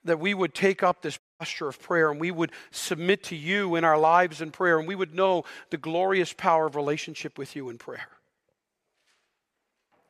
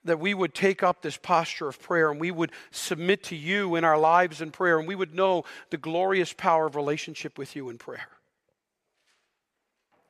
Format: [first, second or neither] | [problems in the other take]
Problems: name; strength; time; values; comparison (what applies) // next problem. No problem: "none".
second | audio cutting out; at 1 s